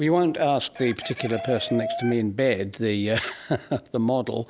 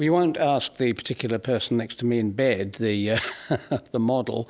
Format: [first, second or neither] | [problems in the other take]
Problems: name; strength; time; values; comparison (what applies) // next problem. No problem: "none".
second | background sound (Chicken, rooster); 12 dB below the speech